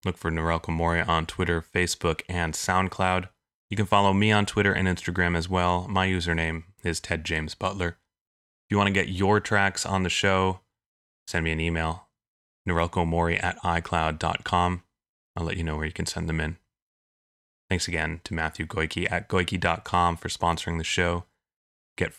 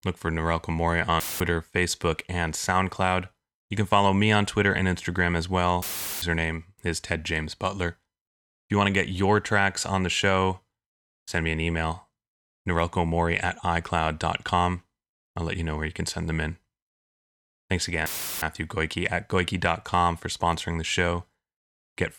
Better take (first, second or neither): first